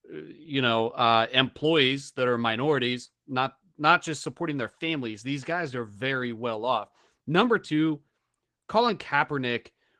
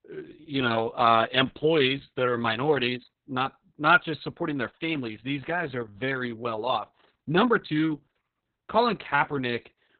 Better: first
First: garbled, watery; slightly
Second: garbled, watery; badly; nothing above 4 kHz

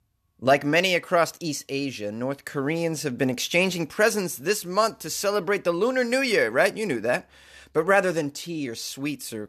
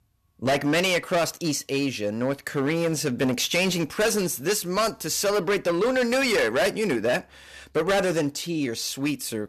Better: first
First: none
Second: distortion; heavy; 13% of the sound clipped

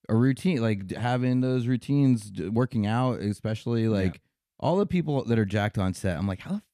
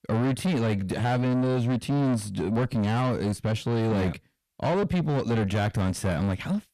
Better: first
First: none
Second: distortion; heavy; 7 dB below the speech

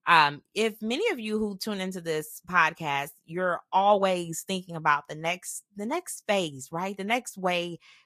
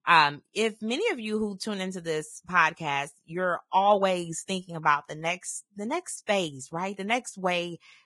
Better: first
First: garbled, watery; slightly; nothing above 14.5 kHz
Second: garbled, watery; badly; nothing above 10.5 kHz

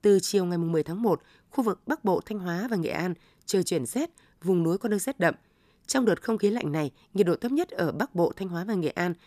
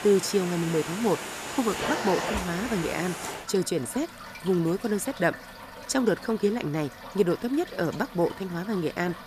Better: first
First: none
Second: household noises; loud; throughout; 8 dB below the speech

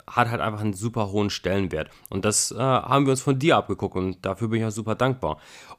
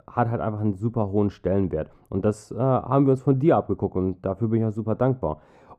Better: first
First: none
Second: muffled; very; fading above 1.5 kHz

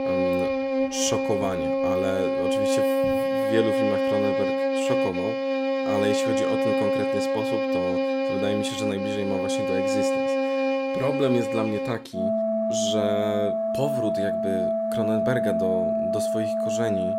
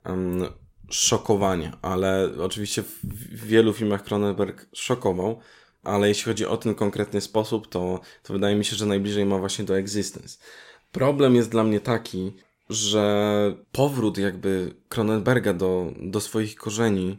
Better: second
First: background music; very loud; throughout; 5 dB above the speech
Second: none

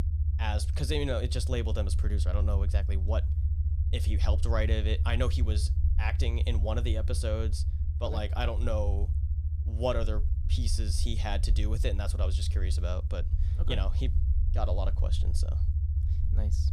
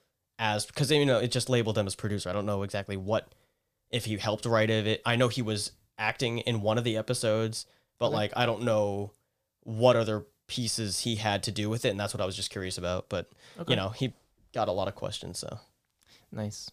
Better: second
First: low rumble; noticeable; throughout; 10 dB below the speech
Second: none

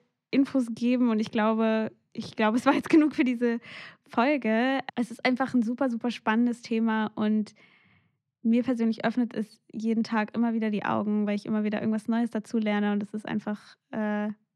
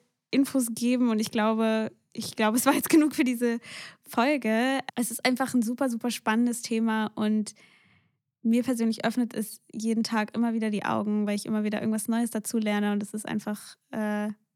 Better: second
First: muffled; slightly; fading above 3.5 kHz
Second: none

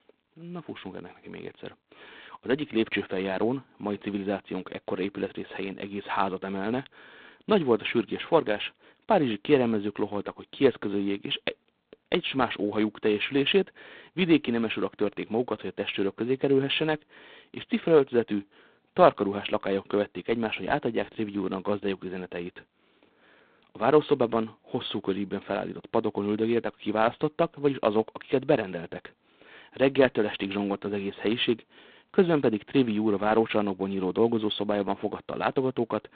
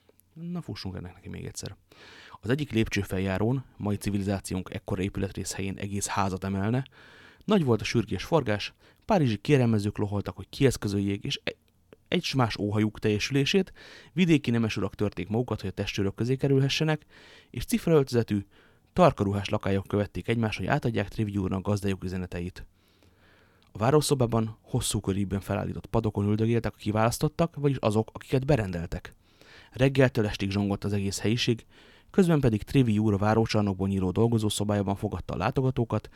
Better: second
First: phone-call audio; poor line; nothing above 3.5 kHz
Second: none

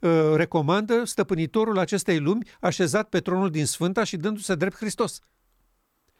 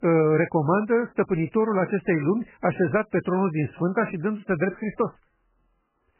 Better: first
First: none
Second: garbled, watery; badly; nothing above 2.5 kHz

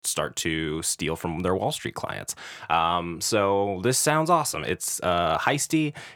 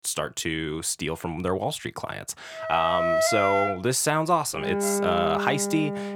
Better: first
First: none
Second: background music; loud; from 3 s on; 1 dB below the speech

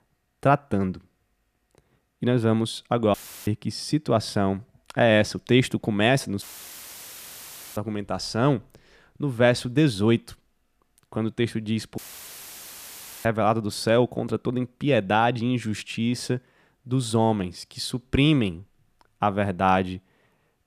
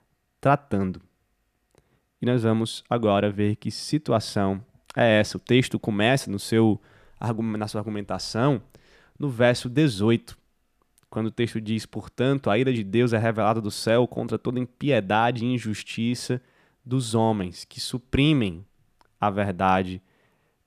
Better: second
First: audio cutting out; filled with static; at 3 s, at 6.5 s for 1.5 s and at 12 s for 1.5 s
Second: none

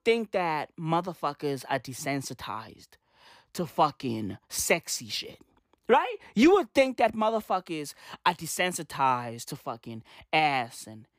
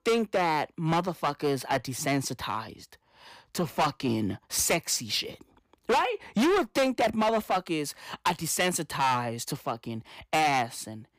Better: first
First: none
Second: distortion; heavy; 9% of the sound clipped

